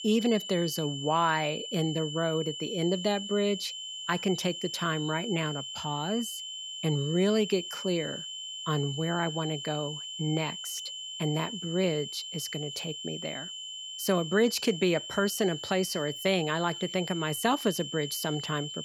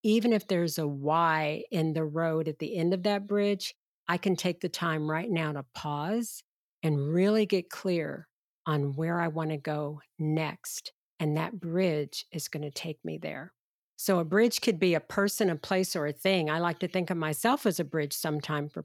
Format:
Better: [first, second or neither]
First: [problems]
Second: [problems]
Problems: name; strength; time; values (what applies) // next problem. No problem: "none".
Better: second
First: high-pitched whine; loud; throughout; 3 kHz, 7 dB below the speech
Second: none